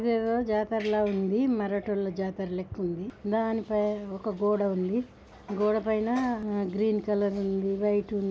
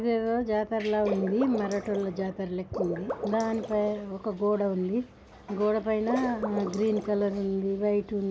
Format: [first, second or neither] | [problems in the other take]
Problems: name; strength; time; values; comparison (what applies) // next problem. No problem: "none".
first | background sound (Water / Liquid); 8 dB below the speech